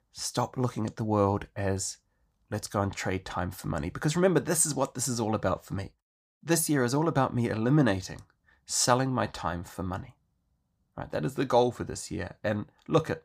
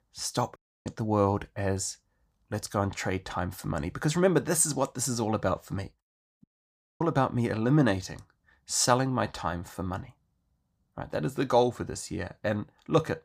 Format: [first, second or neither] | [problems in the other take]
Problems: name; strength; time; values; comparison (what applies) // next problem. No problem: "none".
first | audio cutting out; at 0.5 s and at 6.5 s for 0.5 s